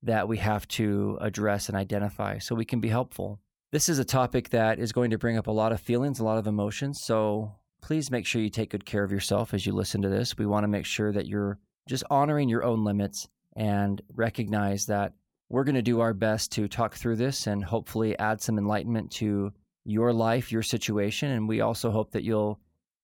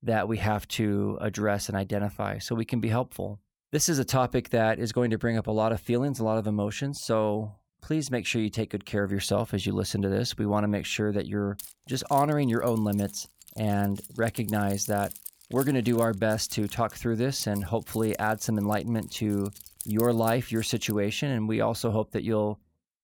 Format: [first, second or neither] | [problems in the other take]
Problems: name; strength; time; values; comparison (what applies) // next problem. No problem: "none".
first | jangling keys; noticeable; from 12 to 21 s; peak 9 dB below the speech